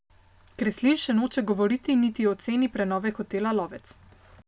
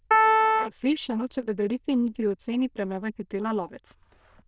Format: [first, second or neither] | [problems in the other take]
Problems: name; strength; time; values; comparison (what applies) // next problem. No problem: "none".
first | noise reduction (neural diffusion model UNIVERSE++)